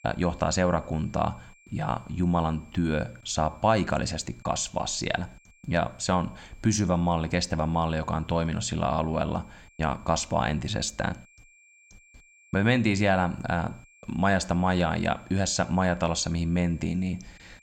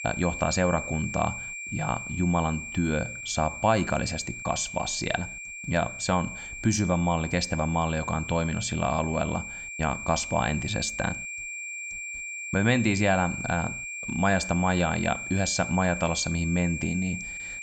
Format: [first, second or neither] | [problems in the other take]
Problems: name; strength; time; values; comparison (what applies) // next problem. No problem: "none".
first | high-pitched whine; loud; throughout; 2.5 kHz, 7 dB below the speech; faint in the first